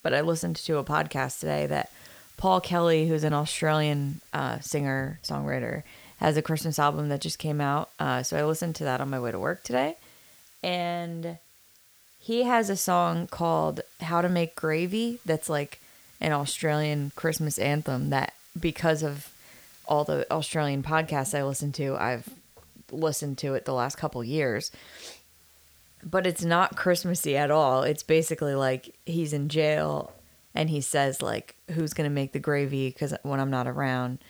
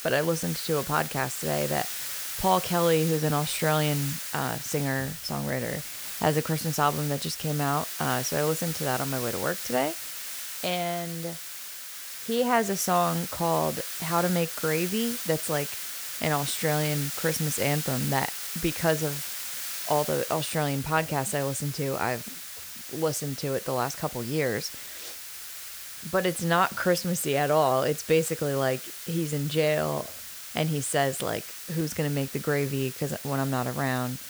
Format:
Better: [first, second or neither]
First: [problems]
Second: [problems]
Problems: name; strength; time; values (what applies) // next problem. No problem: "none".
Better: first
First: hiss; faint; throughout; 25 dB below the speech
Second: hiss; loud; throughout; 6 dB below the speech